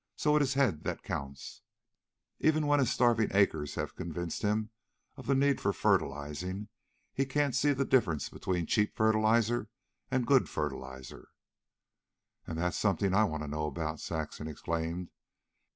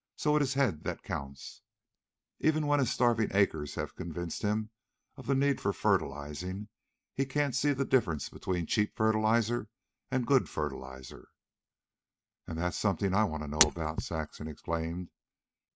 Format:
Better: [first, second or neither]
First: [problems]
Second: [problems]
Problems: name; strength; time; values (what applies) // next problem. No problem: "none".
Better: first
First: none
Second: noise reduction (neural mask model RNNoise)